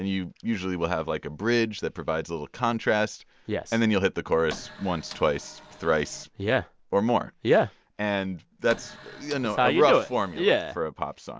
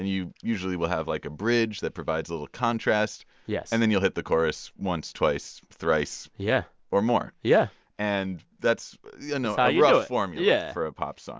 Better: second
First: background sound (Printer); 18 dB below the speech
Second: none

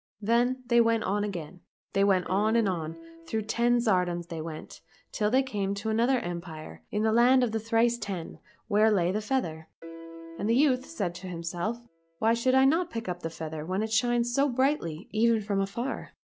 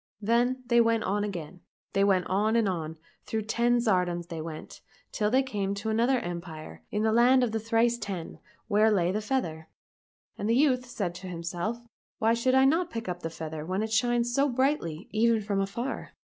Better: second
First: background sound (Piano); 18 dB below the speech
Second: none

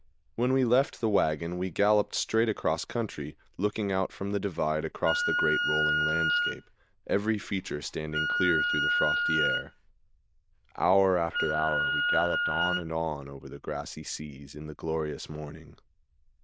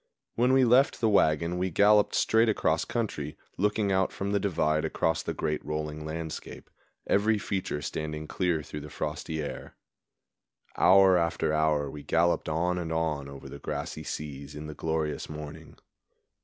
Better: second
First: noise reduction (neural diffusion model UNIVERSE++)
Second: none

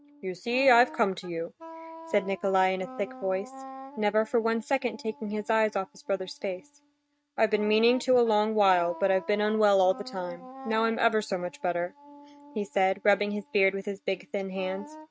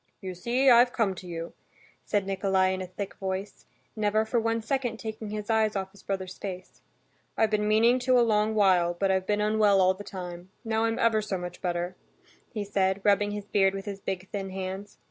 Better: second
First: noise reduction (neural mask model RNNoise)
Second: none

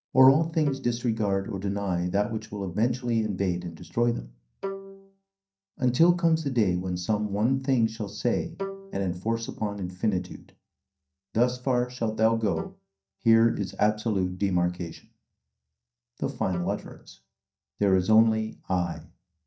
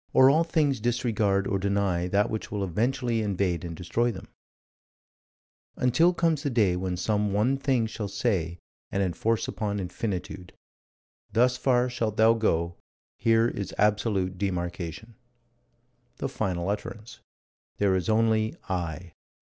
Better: second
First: noise reduction (neural mask model DeepFilterNet 3)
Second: none

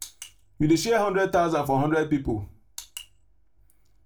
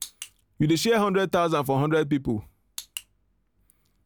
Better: second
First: room echo; dies away in 0.2 s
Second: none

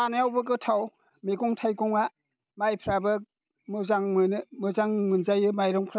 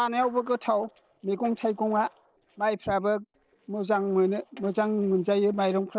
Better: first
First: none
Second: noise reduction (neural separator model SepFormer DNS4)

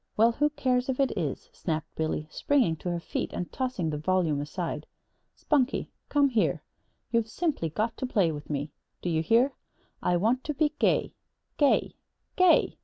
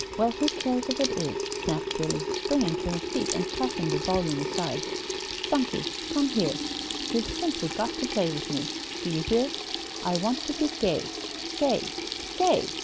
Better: first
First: none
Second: background sound (Sink (filling or washing) / Water tap, faucet); 3 dB below the speech

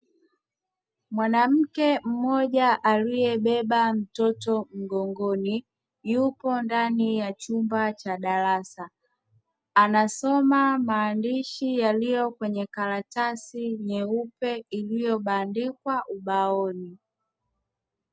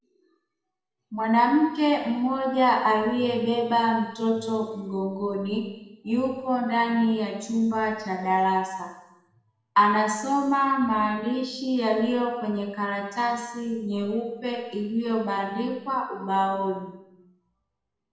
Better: first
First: none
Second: room echo; dies away in 1 s

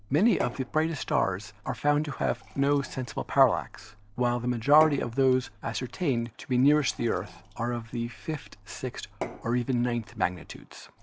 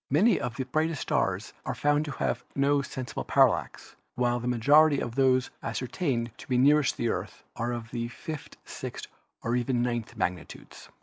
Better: second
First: background sound (Fill (with liquid) / Glass / Water); 17 dB below the speech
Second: none

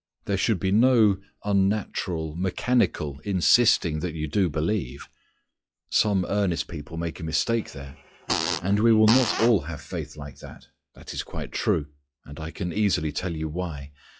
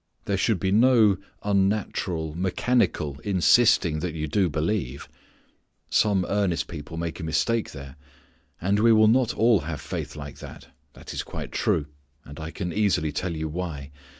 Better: second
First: noise reduction (classical method log-MMSE)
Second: none

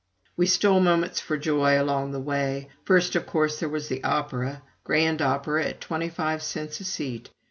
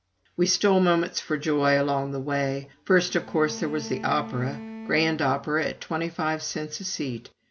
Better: first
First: none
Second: background sound (Bowed string instrument); 15 dB below the speech

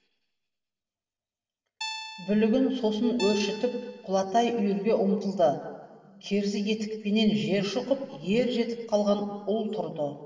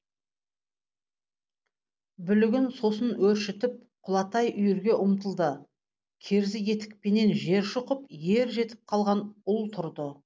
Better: second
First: background sound (Guitar); 12 dB below the speech // room echo; dies away in 2.4 s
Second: none

